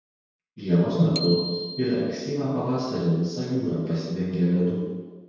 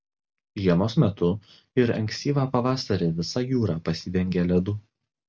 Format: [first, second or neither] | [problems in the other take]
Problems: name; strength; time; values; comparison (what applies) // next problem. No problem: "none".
second | background sound (Bicycle bell); 13 dB below the speech // room echo; dies away in 1.2 s